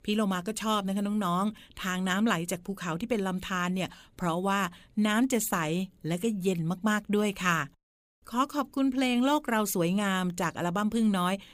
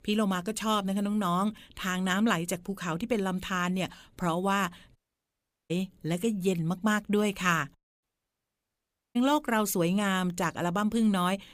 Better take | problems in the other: first | audio cutting out; at 5 s for 0.5 s and at 8 s for 1 s

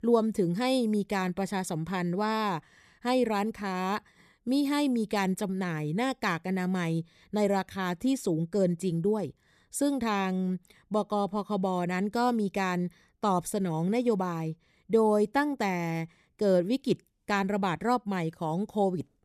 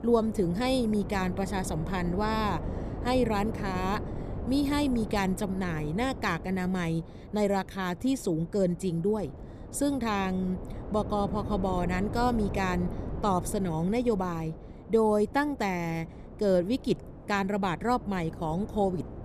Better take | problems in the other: first | wind noise on the microphone; occasional gusts; 15 dB below the speech

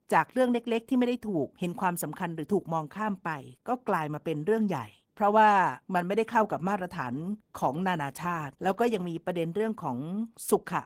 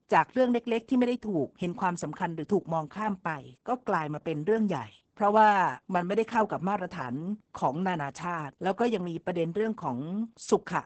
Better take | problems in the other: first | garbled, watery; badly; nothing above 8 kHz; slightly in the first

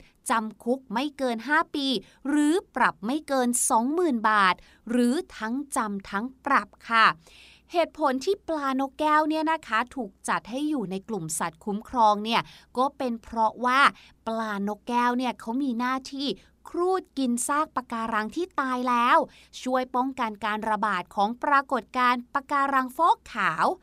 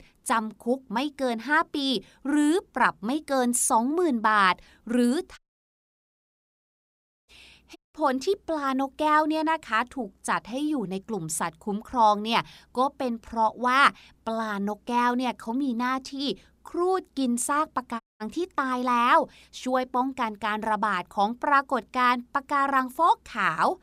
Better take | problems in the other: first | audio cutting out; at 5.5 s for 2 s, at 8 s and at 18 s

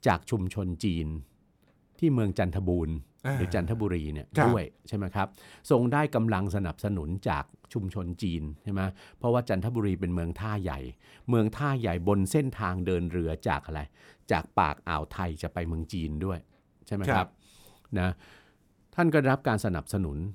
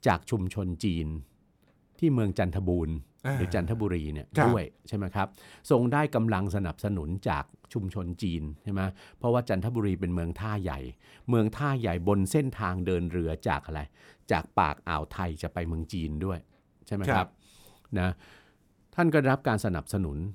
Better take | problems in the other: neither | none

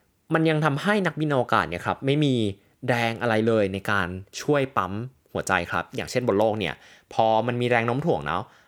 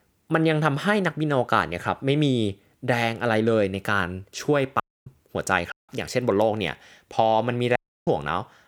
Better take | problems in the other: first | audio cutting out; at 5 s, at 5.5 s and at 8 s

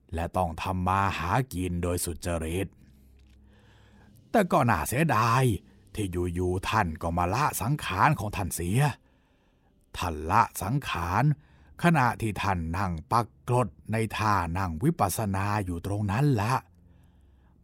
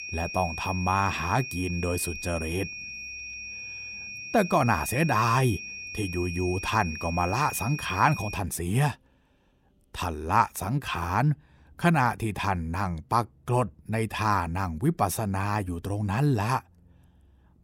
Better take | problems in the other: first | high-pitched whine; loud; until 8.5 s; 2.5 kHz, 8 dB below the speech

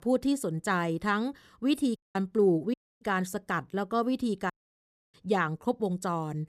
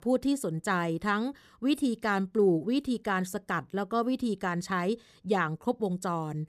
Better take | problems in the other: second | audio cutting out; at 2 s, at 2.5 s and at 4.5 s for 0.5 s

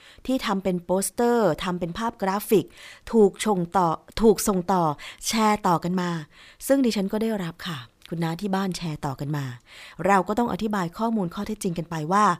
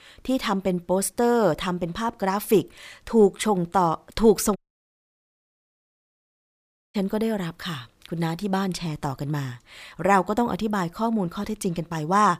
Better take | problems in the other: first | audio cutting out; at 4.5 s for 2.5 s

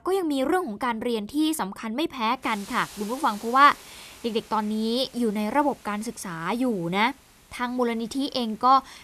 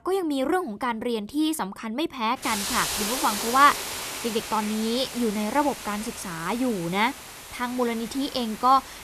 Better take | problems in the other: first | hiss; loud; from 2.5 s on; 6 dB below the speech; faint in the first

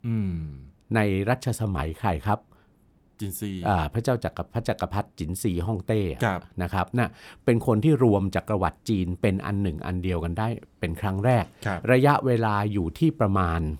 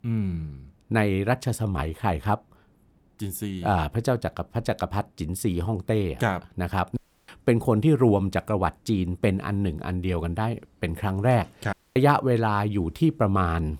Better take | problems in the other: first | audio cutting out; at 7 s and at 12 s

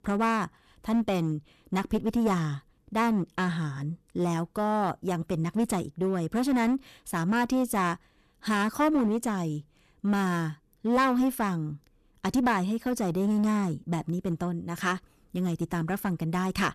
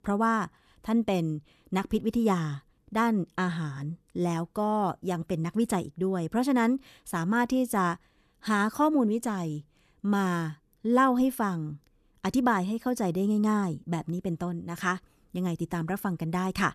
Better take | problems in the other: second | distortion; slight; 7% of the sound clipped

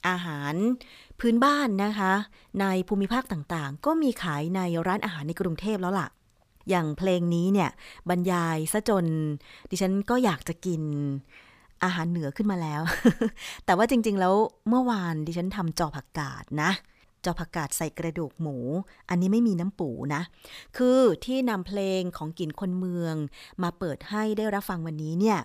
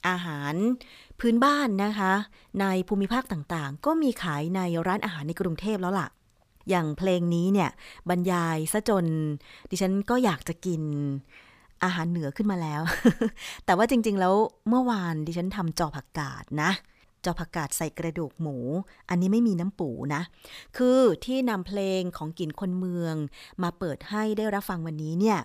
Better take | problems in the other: neither | none

